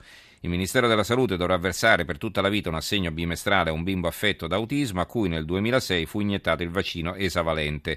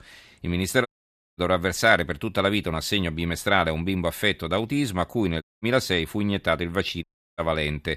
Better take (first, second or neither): first